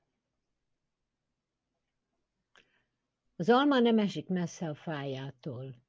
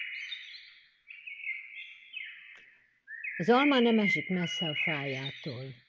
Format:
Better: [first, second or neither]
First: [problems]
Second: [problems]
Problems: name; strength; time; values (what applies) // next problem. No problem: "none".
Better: first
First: none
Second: background sound (Bird); 5 dB below the speech